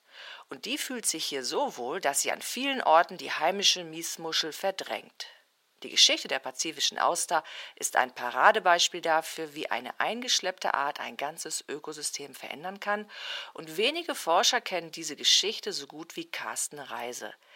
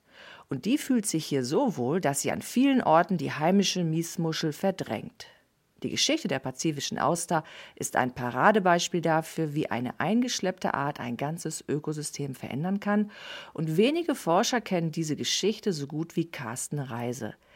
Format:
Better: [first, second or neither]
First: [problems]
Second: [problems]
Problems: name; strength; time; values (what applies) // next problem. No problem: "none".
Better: second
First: thin; very; fading below 650 Hz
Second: none